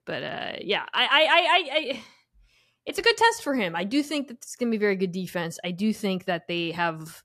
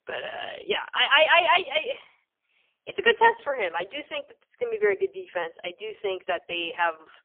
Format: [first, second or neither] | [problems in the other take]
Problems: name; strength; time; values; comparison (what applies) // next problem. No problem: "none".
first | phone-call audio; poor line; nothing above 3 kHz